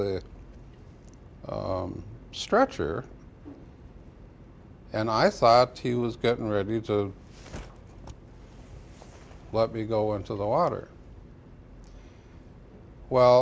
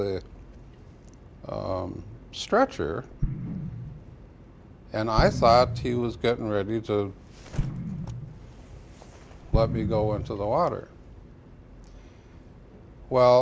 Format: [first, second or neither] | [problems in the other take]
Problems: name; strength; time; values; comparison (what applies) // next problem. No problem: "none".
first | background sound (Explosion); 5 dB below the speech